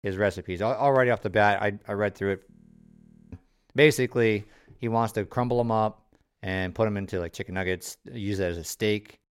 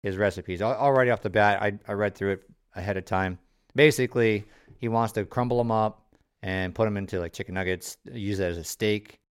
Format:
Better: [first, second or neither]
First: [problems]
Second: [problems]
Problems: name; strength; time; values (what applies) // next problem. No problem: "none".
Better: second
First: audio freezing; at 2.5 s for 1 s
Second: none